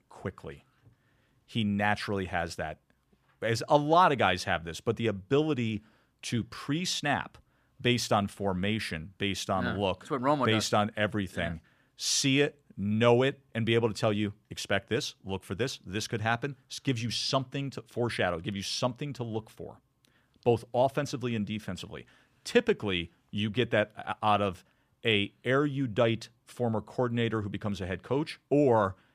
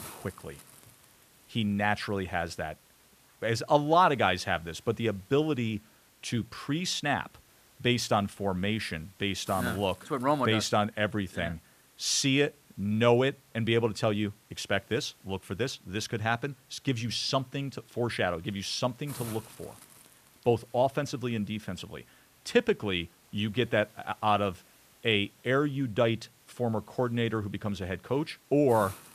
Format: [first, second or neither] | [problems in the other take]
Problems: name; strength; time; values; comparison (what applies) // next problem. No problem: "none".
first | hiss; faint; throughout; 25 dB below the speech